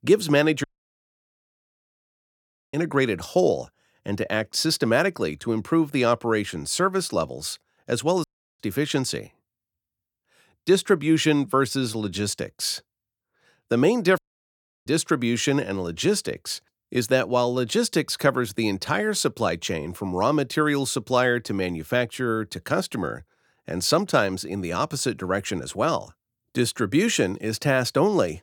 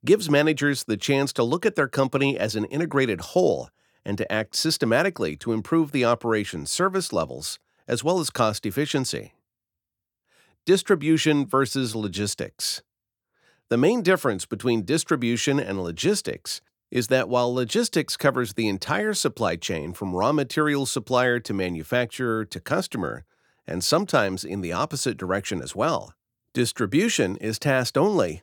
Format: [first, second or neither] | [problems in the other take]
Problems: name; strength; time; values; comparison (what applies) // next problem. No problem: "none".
second | audio cutting out; at 0.5 s for 2 s, at 8 s and at 14 s for 0.5 s